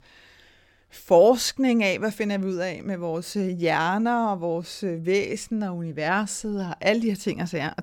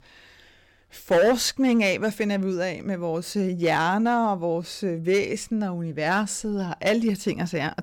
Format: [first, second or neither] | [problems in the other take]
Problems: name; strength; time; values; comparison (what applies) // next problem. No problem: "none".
first | distortion; slight; 3% of the sound clipped